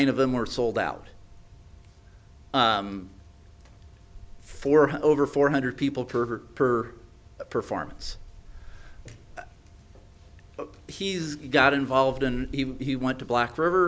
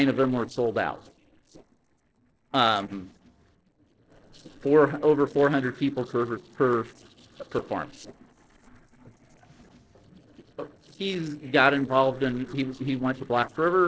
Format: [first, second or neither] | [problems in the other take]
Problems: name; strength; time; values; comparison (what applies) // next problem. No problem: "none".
first | noise reduction (neural separator model SepFormer DNS4)